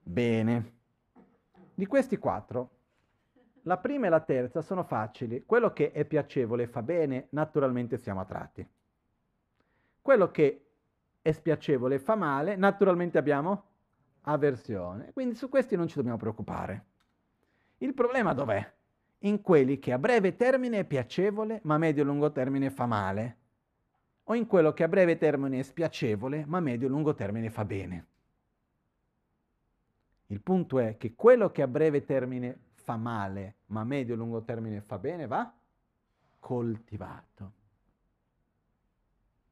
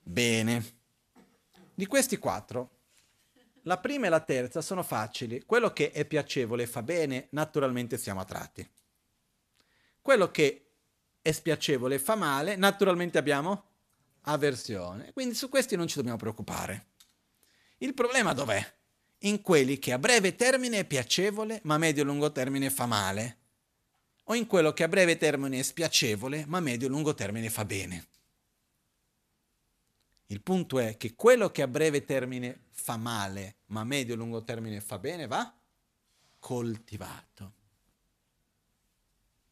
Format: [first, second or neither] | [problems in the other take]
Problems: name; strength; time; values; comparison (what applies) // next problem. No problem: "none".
second | muffled; very; fading above 3 kHz